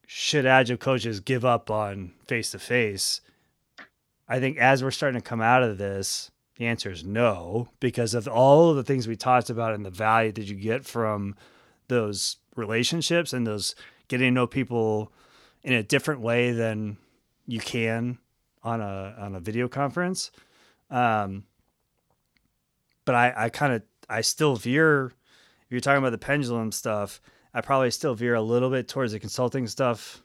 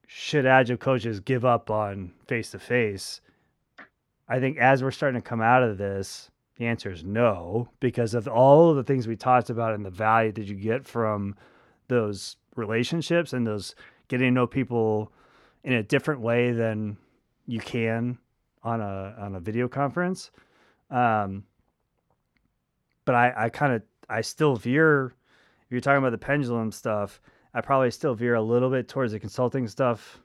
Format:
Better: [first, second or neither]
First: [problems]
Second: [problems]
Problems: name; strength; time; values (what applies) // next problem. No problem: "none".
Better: first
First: none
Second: muffled; slightly; fading above 3 kHz